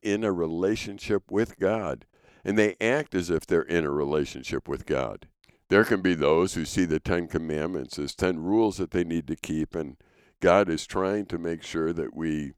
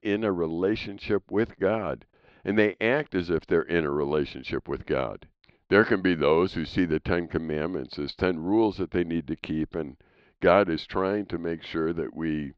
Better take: first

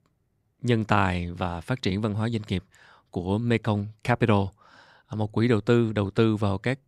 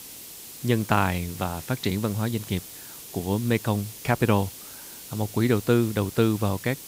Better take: first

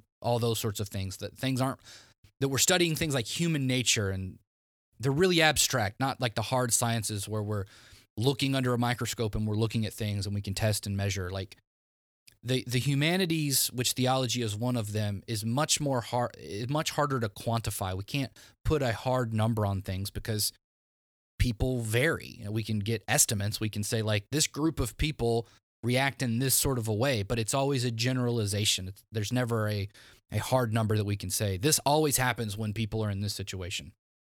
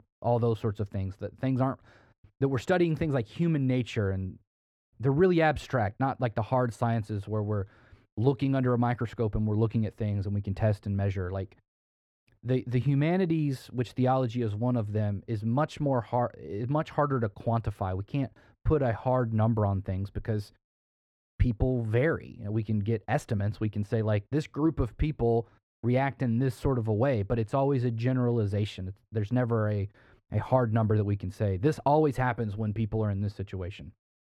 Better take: first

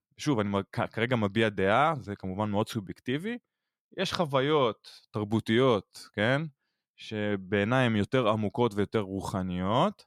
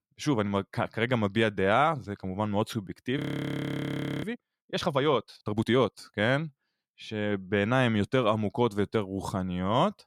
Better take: first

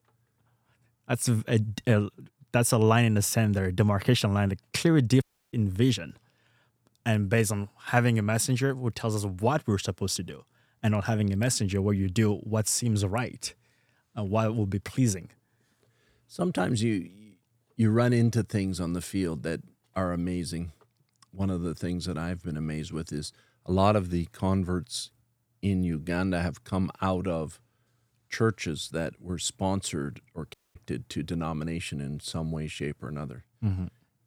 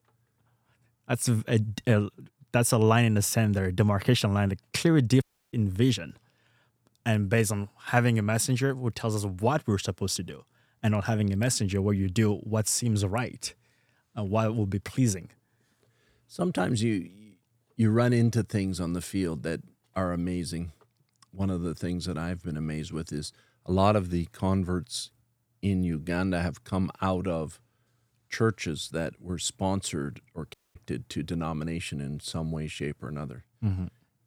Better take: neither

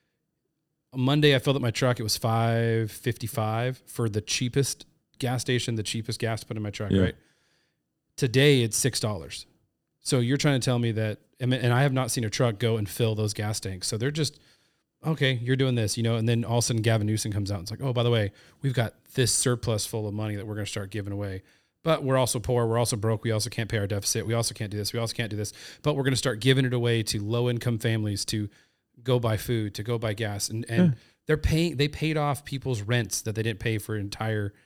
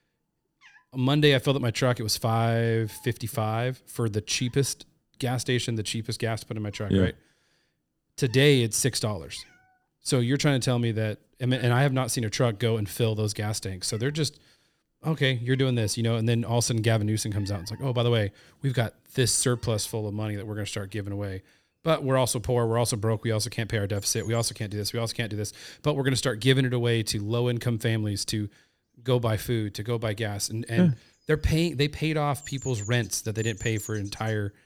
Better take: first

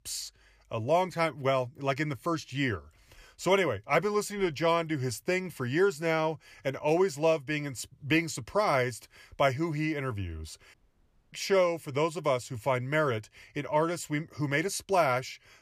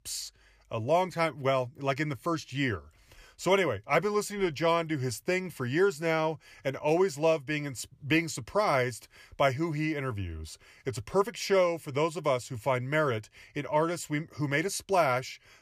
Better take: second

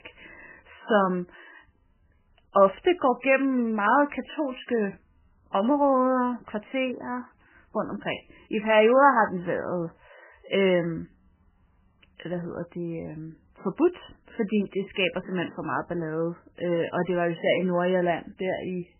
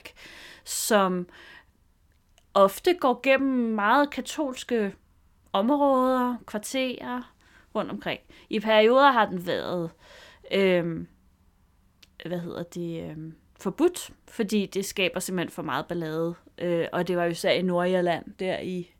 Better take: second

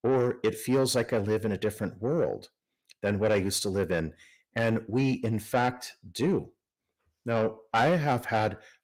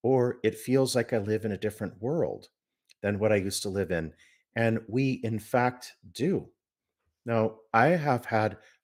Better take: second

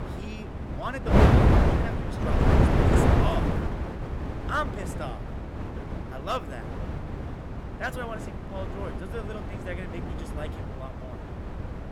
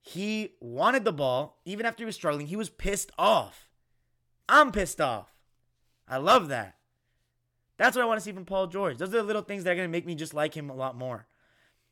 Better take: second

